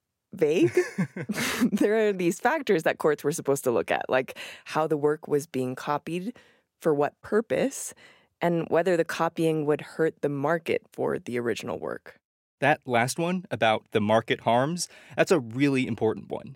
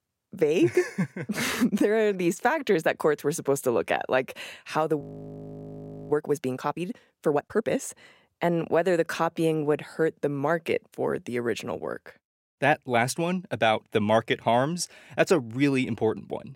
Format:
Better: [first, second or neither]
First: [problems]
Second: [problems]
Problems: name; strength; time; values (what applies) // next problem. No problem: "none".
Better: first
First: none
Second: audio freezing; at 5 s for 1 s